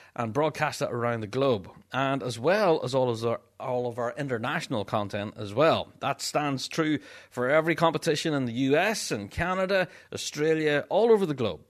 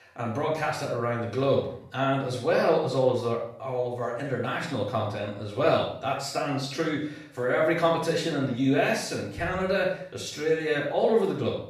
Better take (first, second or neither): first